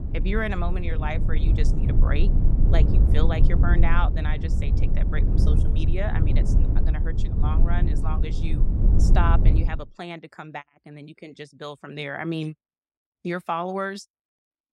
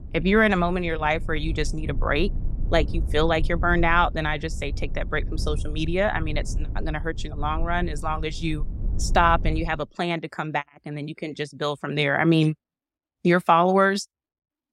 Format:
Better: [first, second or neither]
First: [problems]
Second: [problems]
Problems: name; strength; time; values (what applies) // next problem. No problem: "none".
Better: second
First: low rumble; loud; until 9.5 s; 5 dB below the speech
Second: low rumble; faint; until 9.5 s; 25 dB below the speech